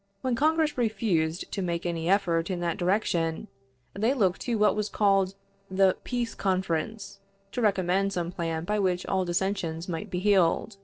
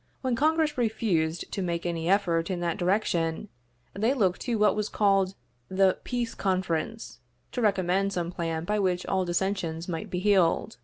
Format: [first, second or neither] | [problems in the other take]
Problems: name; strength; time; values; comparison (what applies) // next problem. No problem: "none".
second | noise reduction (neural separator model SepFormer DNS4)